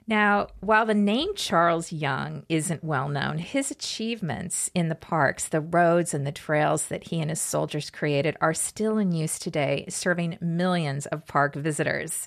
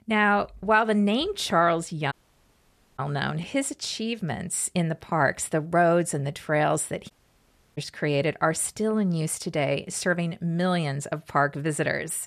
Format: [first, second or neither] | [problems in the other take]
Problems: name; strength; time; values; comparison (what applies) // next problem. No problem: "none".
first | audio cutting out; at 2 s for 1 s and at 7 s for 0.5 s